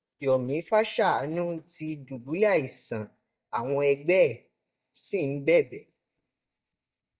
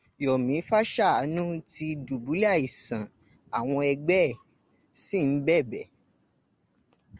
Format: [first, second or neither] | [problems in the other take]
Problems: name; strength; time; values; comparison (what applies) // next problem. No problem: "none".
second | noise reduction (neural mask model DeepFilterNet 3)